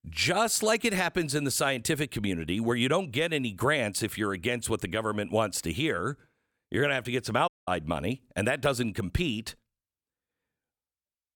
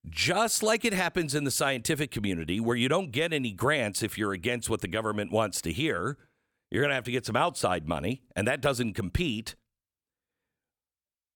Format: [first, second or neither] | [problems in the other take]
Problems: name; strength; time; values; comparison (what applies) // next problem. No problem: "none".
second | audio cutting out; at 7.5 s